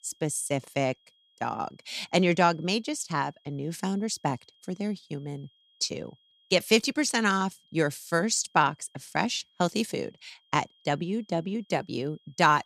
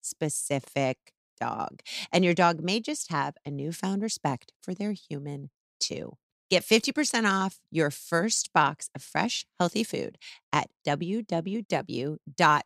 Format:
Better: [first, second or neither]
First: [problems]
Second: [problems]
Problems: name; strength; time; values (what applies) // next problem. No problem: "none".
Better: second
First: high-pitched whine; faint; throughout; 3.5 kHz, 35 dB below the speech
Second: none